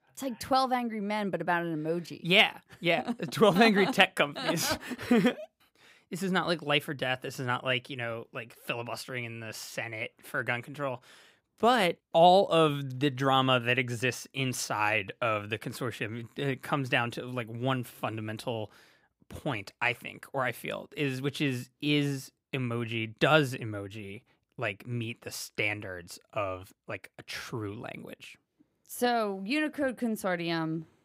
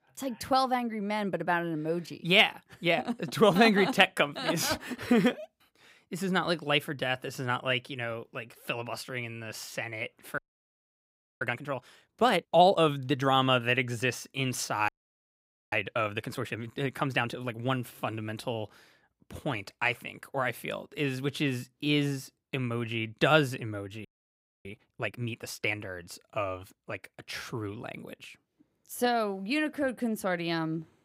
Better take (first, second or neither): first